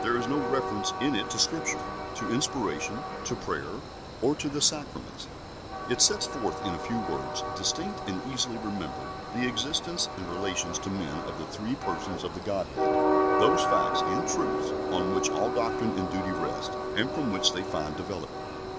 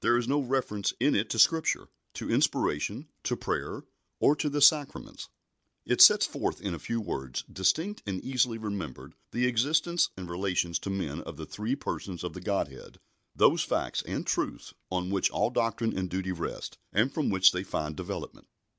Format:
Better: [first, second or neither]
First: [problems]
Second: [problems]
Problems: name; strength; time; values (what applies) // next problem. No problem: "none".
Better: second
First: background sound (Train); as loud as the speech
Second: none